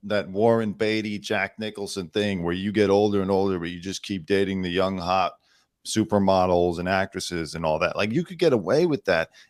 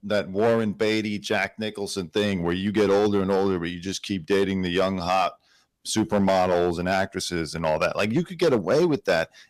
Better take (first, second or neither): first